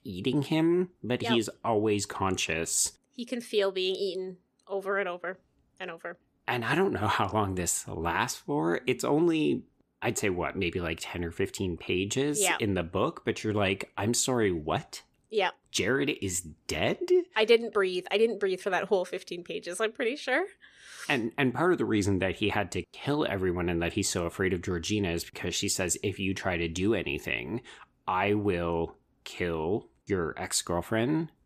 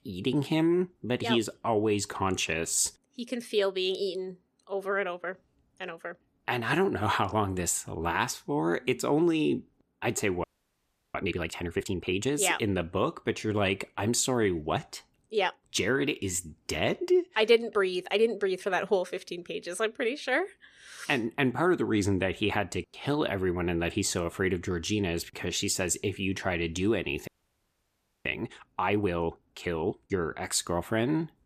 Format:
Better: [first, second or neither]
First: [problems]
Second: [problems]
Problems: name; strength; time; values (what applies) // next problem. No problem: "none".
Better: first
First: none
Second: audio freezing; at 10 s for 0.5 s and at 27 s for 1 s